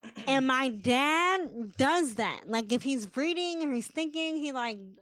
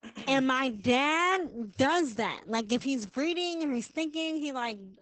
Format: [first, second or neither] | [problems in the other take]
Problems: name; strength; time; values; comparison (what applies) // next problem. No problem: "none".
first | garbled, watery; badly; nothing above 8 kHz; slightly in the first